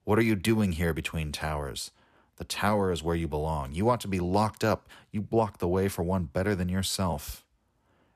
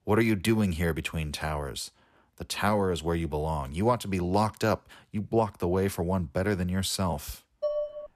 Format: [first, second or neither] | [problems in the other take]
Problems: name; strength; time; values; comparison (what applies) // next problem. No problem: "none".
first | clattering dishes; noticeable; at 7.5 s; peak 3 dB below the speech